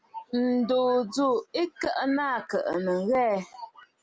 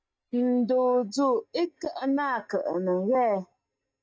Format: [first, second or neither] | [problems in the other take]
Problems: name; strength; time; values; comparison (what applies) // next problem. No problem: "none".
first | noise reduction (neural mask model DeepFilterNet 3)